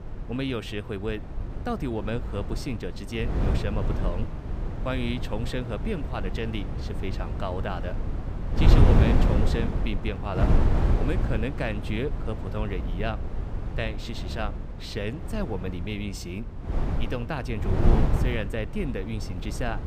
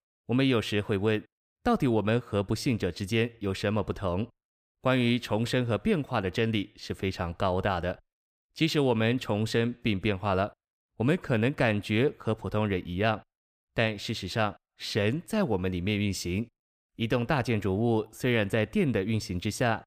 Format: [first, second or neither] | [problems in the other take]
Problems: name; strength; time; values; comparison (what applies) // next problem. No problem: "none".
second | wind noise on the microphone; heavy; 3 dB below the speech